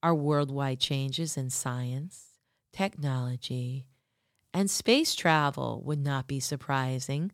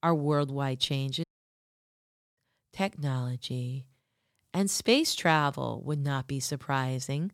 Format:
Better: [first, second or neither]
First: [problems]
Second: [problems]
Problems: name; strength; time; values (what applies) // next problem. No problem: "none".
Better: first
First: none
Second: audio cutting out; at 1 s for 1 s